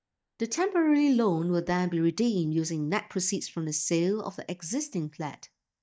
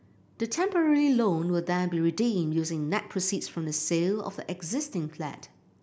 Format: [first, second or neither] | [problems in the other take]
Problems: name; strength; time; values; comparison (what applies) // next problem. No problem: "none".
second | noise reduction (neural mask model DeepFilterNet 3)